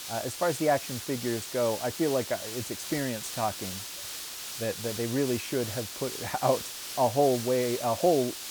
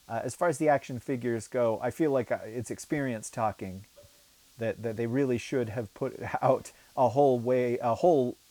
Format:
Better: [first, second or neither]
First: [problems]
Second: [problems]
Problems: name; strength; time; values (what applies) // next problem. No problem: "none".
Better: second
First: hiss; loud; throughout; 7 dB below the speech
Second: hiss; faint; throughout; 30 dB below the speech